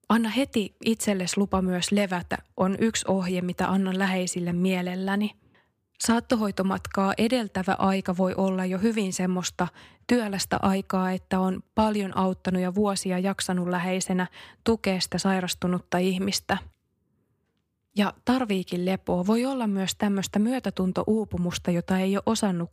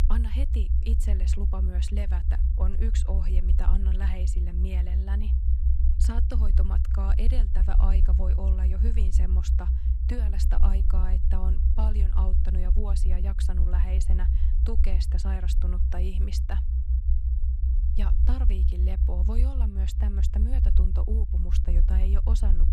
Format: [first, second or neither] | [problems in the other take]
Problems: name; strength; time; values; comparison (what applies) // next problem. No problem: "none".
first | low rumble; loud; throughout; 2 dB below the speech